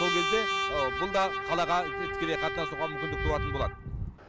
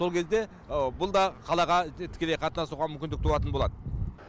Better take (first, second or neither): second